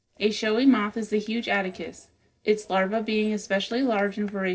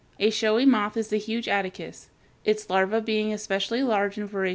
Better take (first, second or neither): second